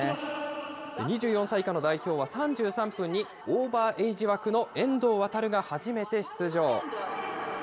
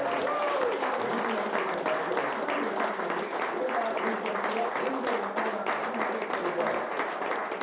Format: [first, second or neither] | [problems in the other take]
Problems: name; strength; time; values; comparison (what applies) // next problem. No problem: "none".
first | background sound (Applause); 5 dB above the speech // room echo; dies away in 0.7 s